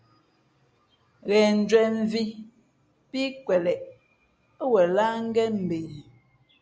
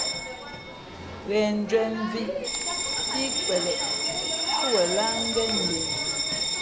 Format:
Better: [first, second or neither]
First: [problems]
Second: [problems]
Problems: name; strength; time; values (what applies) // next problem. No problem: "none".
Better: first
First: none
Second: background sound (Bell); 1 dB above the speech